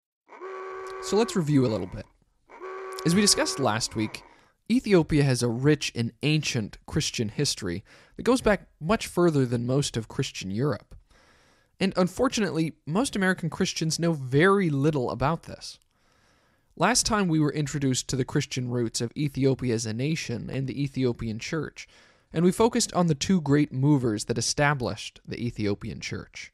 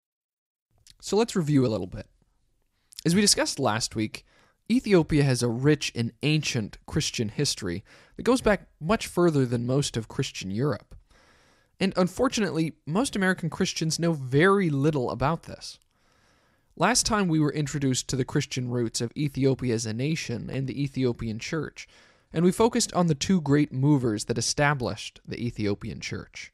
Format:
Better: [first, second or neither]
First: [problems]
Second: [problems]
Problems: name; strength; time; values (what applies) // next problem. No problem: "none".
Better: second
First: alarm; faint; until 4.5 s; peak 10 dB below the speech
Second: none